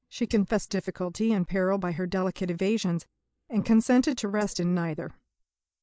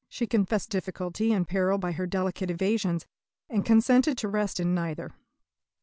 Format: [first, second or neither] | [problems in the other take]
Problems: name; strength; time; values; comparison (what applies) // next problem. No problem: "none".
second | noise reduction (neural mask model Resemble Enhance denoiser)